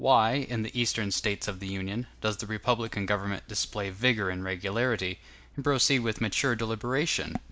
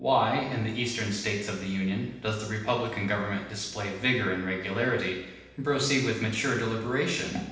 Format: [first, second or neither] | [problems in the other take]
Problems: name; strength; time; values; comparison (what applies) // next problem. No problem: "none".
first | room echo; dies away in 0.9 s